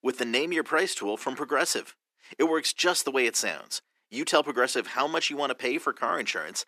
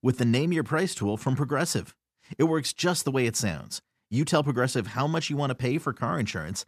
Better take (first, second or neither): second